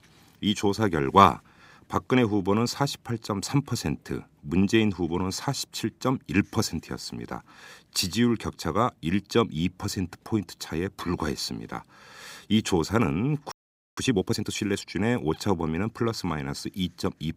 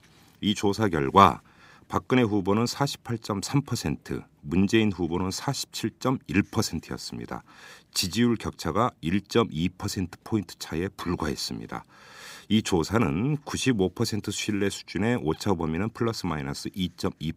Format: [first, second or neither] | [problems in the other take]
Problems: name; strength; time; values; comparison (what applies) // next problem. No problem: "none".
second | audio freezing; at 14 s